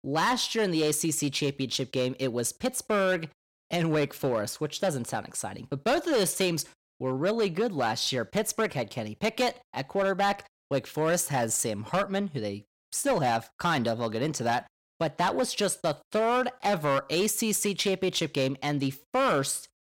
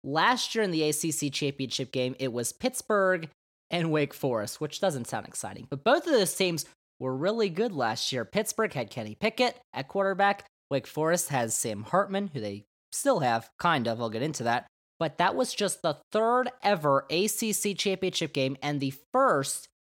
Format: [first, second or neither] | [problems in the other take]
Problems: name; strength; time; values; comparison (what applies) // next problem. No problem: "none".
second | distortion; slight; 8% of the sound clipped